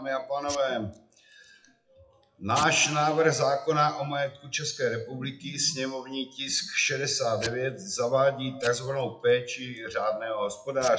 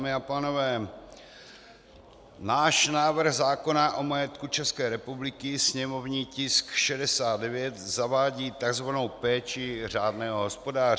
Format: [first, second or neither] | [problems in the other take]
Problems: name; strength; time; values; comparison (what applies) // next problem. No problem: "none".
second | noise reduction (classical method WPE with log-MMSE)